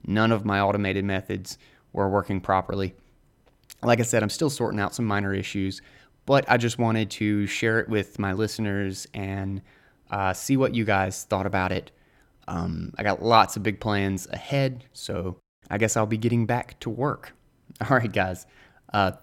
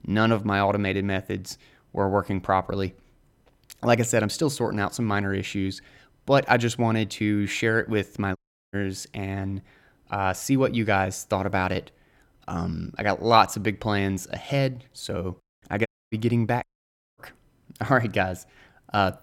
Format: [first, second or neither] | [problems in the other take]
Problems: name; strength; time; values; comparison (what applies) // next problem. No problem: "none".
first | audio cutting out; at 8.5 s, at 16 s and at 17 s for 0.5 s